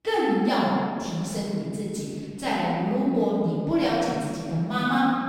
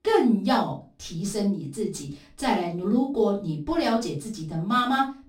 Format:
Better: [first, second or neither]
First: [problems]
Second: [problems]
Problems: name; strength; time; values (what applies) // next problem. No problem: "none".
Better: second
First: room echo; strong; dies away in 2.3 s // off-mic speech; far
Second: room echo; slight; dies away in 0.3 s // off-mic speech; far